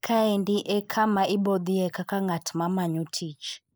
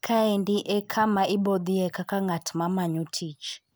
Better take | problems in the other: second | noise reduction (neural mask model Resemble Enhance denoiser)

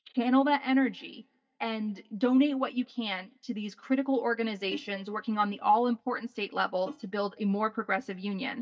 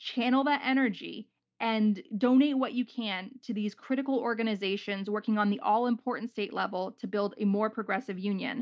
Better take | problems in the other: second | noise reduction (neural mask model DeepFilterNet 3)

